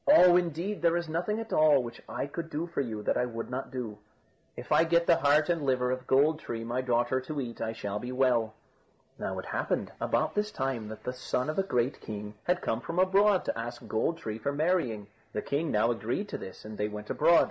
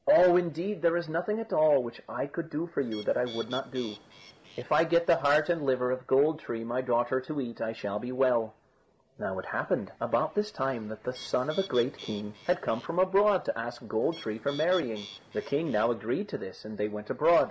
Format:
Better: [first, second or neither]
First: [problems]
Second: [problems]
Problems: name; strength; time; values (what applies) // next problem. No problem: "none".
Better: first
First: none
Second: background sound (Bird); 17 dB below the speech